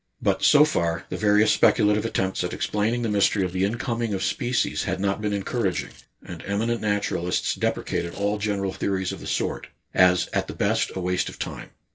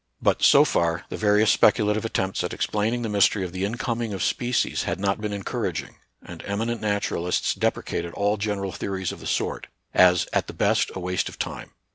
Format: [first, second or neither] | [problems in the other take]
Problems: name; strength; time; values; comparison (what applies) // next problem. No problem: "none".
second | noise reduction (neural separator model SepFormer DNS4)